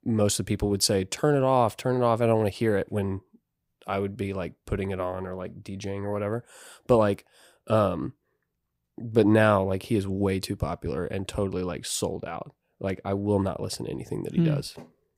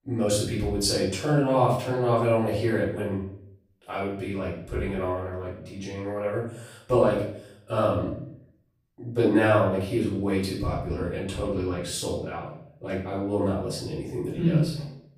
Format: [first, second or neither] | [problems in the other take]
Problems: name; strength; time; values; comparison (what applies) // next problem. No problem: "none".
first | off-mic speech; far // room echo; noticeable; dies away in 0.6 s